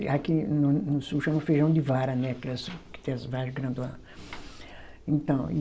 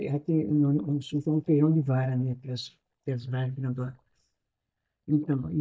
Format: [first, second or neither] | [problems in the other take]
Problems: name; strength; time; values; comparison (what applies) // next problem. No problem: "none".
first | noise reduction (neural mask model DeepFilterNet 3)